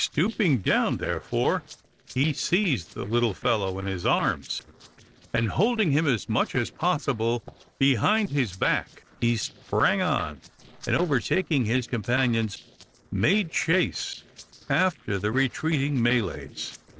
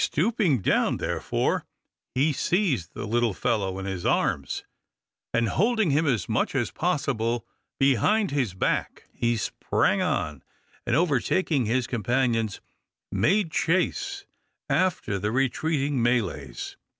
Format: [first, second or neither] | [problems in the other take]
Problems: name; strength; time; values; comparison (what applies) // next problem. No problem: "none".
second | noise reduction (neural separator model SepFormer DNS4)